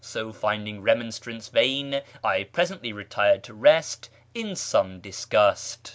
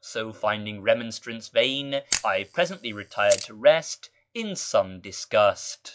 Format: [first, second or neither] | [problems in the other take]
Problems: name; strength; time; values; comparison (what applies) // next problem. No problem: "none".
first | noise reduction (classical method log-MMSE)